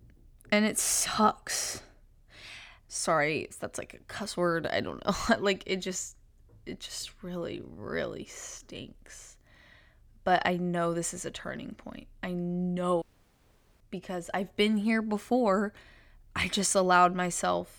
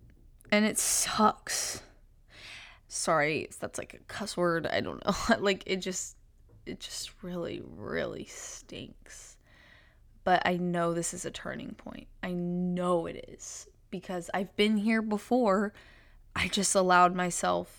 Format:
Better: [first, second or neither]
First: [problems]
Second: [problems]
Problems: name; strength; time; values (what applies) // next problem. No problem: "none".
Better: second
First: audio cutting out; at 13 s for 1 s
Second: none